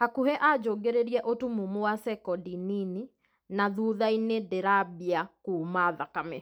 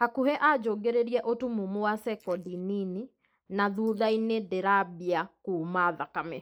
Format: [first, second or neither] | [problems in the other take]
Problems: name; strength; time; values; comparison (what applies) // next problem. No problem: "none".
first | noise reduction (neural mask model Resemble Enhance denoiser)